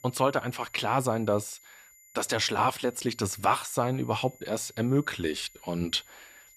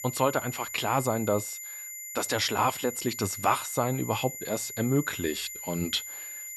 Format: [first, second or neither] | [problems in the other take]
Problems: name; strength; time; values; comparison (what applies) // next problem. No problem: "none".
first | high-pitched whine; loud; throughout; 7 kHz, 8 dB below the speech; faint in the first